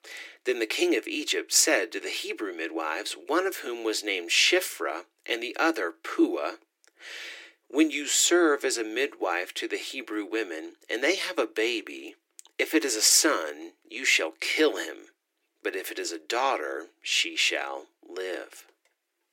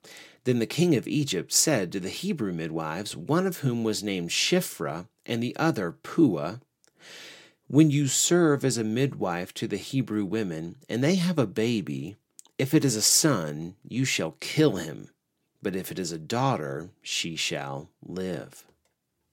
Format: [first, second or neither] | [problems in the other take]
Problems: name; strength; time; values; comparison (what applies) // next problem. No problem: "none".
second | thin; very; fading below 350 Hz